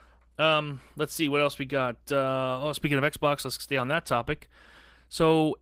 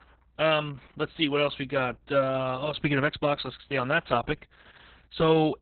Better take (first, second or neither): first